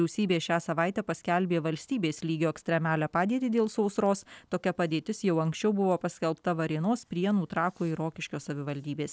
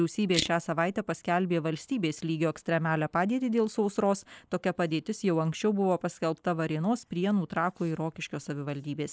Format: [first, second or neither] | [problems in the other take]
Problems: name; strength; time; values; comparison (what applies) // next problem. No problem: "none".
first | noise reduction (neural mask model Resemble Enhance denoiser)